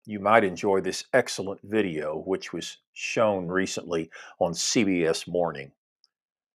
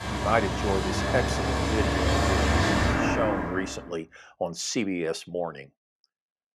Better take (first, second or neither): first